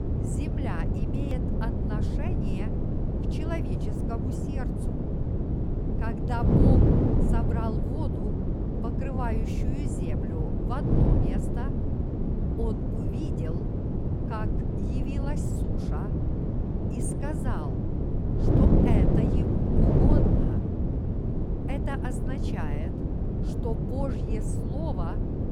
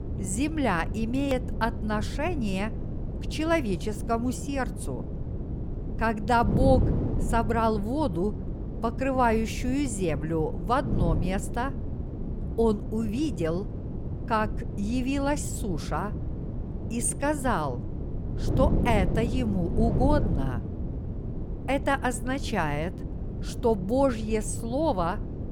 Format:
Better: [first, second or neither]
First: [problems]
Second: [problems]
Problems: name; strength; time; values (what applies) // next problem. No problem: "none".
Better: second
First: wind noise on the microphone; heavy; 4 dB above the speech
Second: wind noise on the microphone; occasional gusts; 10 dB below the speech